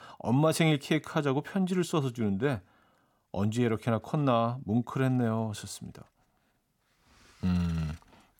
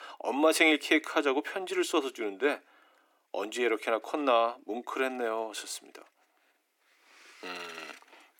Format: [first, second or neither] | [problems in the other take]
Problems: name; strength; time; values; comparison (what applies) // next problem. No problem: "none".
first | thin; very; fading below 300 Hz